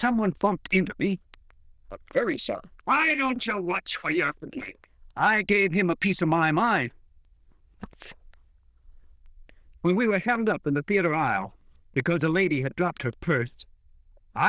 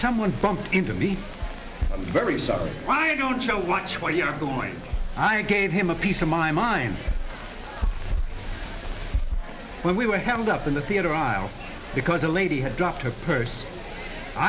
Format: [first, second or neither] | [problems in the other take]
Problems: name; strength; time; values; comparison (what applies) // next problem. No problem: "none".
second | noise reduction (neural diffusion model UNIVERSE++)